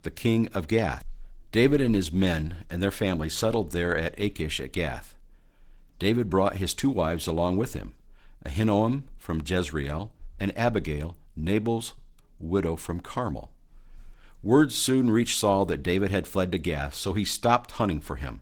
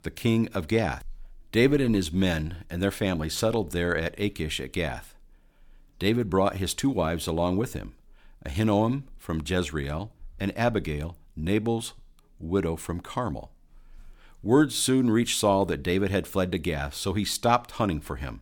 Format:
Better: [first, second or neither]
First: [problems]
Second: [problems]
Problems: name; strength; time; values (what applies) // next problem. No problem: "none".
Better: second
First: garbled, watery; slightly; nothing above 18.5 kHz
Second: none